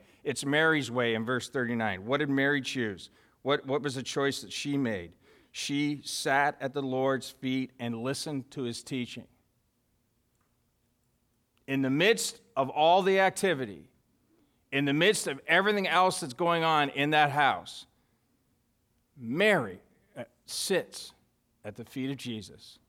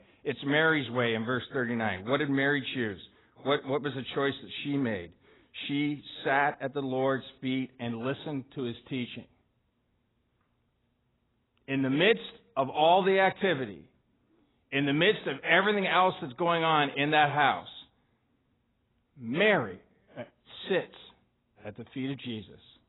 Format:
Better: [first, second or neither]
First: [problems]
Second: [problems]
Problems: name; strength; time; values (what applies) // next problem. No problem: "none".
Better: first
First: none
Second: garbled, watery; badly; nothing above 4 kHz